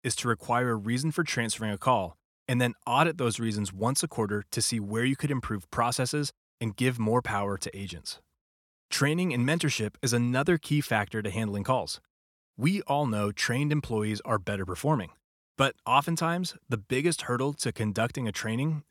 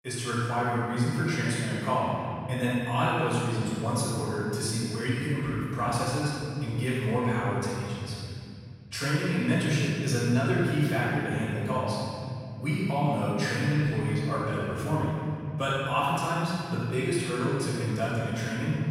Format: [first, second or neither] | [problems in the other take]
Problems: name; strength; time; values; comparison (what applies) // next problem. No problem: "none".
first | off-mic speech; far // room echo; strong; dies away in 2.8 s